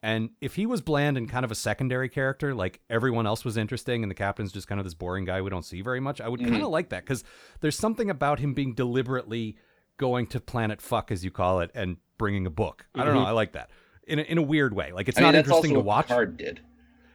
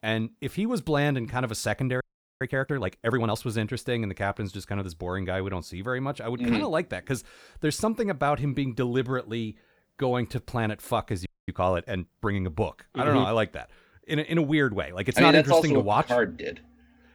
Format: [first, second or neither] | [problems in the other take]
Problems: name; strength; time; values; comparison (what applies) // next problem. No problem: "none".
first | audio freezing; at 2 s and at 11 s